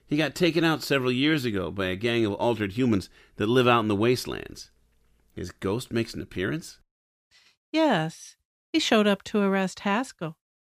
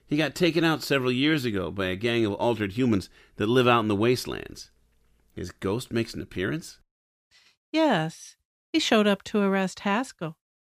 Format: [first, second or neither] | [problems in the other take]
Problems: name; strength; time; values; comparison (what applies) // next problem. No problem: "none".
neither | none